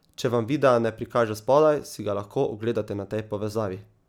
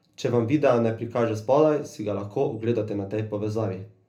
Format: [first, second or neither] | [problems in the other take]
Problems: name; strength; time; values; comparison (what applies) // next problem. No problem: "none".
first | room echo; dies away in 0.3 s